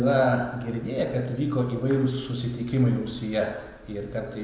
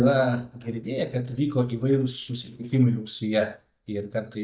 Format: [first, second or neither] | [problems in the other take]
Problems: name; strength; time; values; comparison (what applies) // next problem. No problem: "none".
first | noise reduction (neural mask model DeepFilterNet 3)